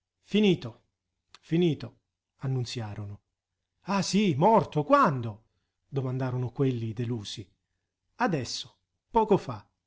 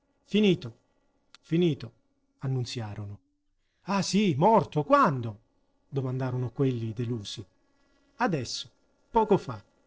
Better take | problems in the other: first | noise reduction (neural separator model SepFormer DNS4)

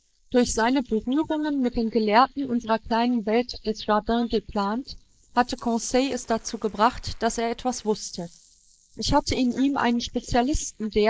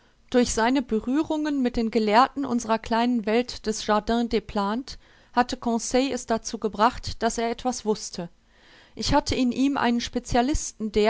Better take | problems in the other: second | noise reduction (neural mask model Resemble Enhance denoiser)

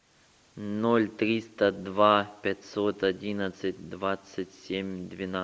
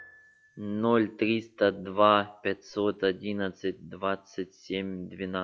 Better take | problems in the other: first | noise reduction (classical method log-MMSE)

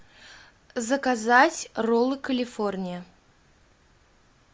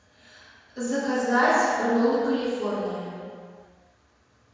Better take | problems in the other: first | room echo; dies away in 1.9 s

